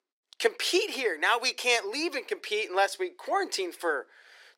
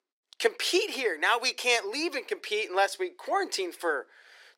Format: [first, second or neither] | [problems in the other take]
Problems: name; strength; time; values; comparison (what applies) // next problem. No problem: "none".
neither | thin; very; fading below 350 Hz; the same in both